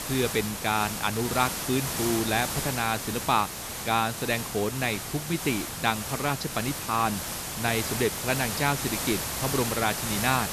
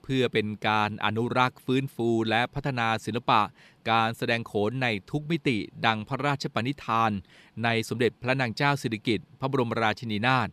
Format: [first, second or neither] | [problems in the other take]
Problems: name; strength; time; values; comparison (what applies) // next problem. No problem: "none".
second | hiss; loud; throughout; 3 dB below the speech